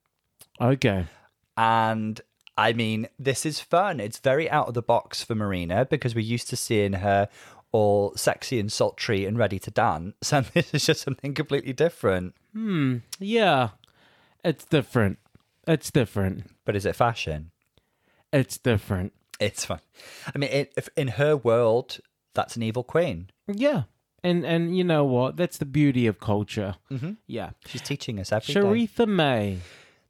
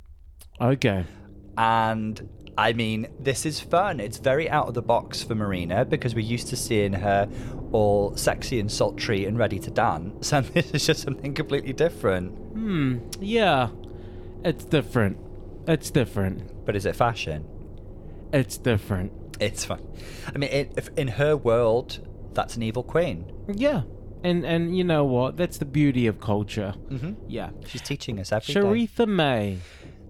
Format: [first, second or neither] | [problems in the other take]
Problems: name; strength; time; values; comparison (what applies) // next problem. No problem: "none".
first | low rumble; faint; throughout; 20 dB below the speech